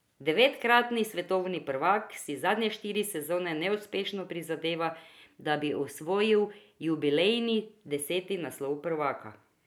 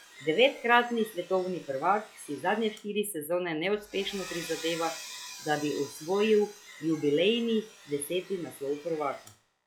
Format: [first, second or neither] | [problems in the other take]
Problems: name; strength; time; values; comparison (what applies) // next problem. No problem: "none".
first | noise reduction (classical method log-MMSE)